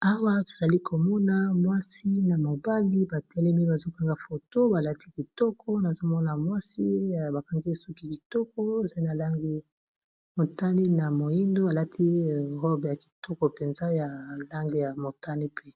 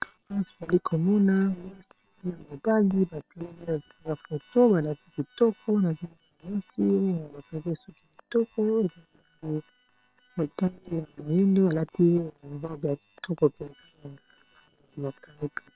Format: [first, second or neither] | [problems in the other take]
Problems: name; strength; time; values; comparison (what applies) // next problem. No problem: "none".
first | noise reduction (neural separator model SepFormer WHAM!)